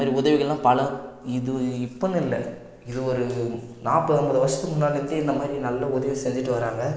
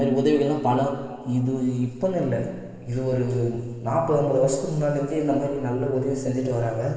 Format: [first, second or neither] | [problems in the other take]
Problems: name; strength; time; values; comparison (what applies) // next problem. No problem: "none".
first | room echo; dies away in 2 s